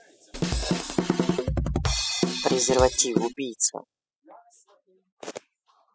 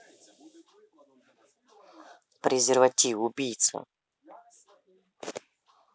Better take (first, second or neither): second